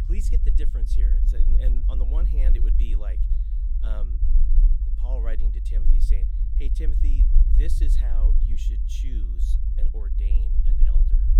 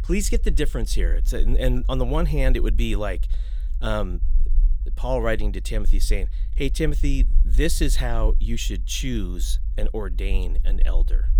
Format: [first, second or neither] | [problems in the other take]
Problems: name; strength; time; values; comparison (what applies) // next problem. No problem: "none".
second | low rumble; loud; throughout; 2 dB below the speech; faint in the second